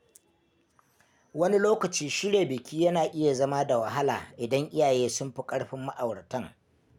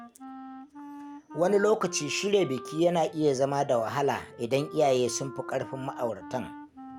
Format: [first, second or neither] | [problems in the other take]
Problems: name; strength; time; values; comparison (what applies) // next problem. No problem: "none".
first | background sound (Wind instrument, woodwind instrument); 16 dB below the speech